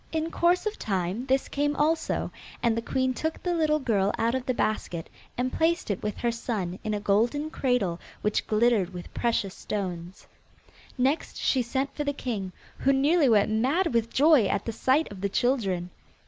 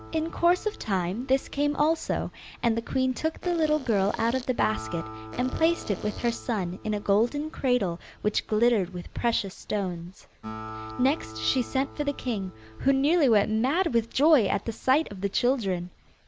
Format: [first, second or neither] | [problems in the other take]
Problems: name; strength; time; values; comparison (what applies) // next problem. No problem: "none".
first | background sound (Acoustic guitar + Fart); 17 dB below the speech